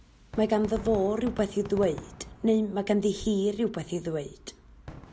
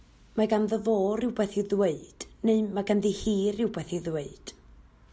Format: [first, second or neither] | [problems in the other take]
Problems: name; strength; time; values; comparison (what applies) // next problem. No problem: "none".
second | background sound (Fireworks); 16 dB below the speech